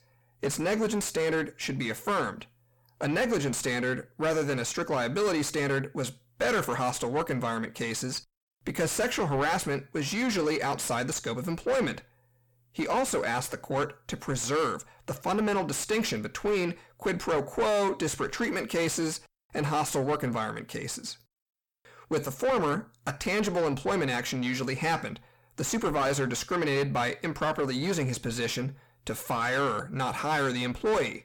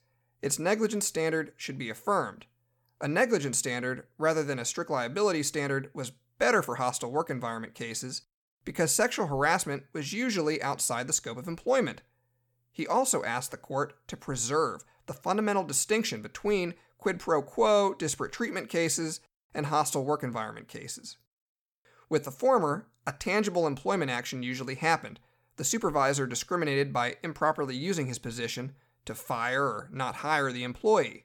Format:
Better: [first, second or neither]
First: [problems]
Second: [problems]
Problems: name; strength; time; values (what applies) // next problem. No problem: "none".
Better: second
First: distortion; heavy; 6 dB below the speech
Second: none